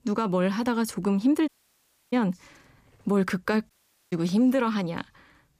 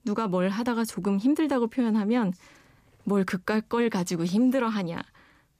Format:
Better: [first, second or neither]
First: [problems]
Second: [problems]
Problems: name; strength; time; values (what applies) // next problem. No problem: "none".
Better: second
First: audio cutting out; at 1.5 s for 0.5 s and at 3.5 s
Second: none